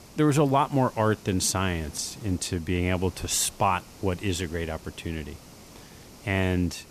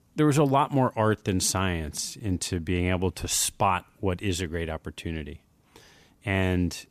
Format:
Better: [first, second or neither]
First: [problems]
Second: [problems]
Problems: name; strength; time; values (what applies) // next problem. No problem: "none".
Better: second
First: hiss; faint; throughout; 20 dB below the speech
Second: none